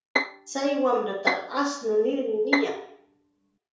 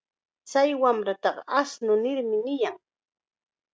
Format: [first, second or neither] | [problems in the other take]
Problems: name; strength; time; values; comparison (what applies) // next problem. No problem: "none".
second | background sound (Bowed string instrument); 5 dB below the speech // room echo; dies away in 0.5 s